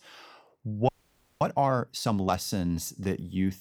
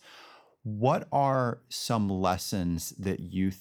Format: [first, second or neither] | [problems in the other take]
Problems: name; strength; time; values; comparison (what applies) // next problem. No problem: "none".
second | audio freezing; at 1 s for 0.5 s